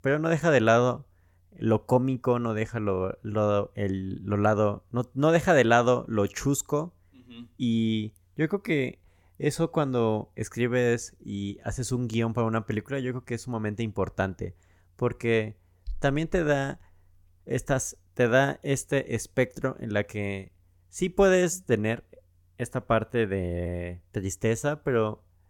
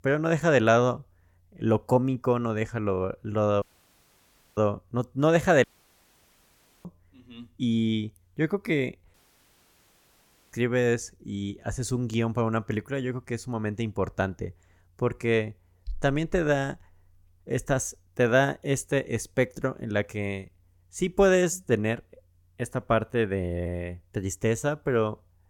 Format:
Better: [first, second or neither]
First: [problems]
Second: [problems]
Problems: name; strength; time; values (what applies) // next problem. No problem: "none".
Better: first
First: none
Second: audio cutting out; at 3.5 s for 1 s, at 5.5 s for 1 s and at 9 s for 1.5 s